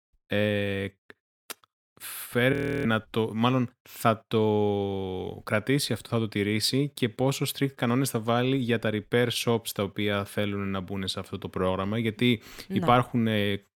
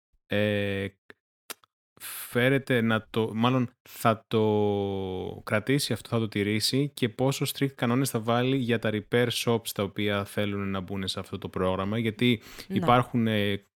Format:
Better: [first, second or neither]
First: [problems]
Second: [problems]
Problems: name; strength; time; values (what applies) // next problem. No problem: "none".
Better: second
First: audio freezing; at 2.5 s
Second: none